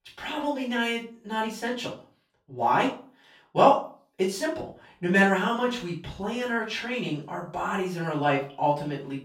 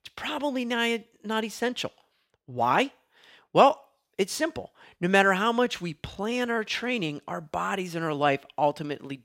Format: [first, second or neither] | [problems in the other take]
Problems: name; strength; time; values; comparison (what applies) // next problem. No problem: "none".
second | off-mic speech; far // room echo; slight; dies away in 0.3 s